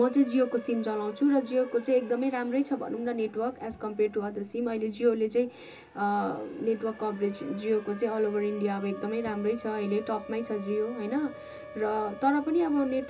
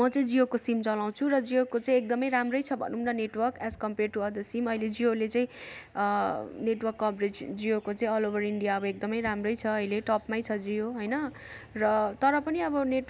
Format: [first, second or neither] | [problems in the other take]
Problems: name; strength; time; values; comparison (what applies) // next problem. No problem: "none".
second | background sound (Siren); 18 dB below the speech // room echo; dies away in 0.2 s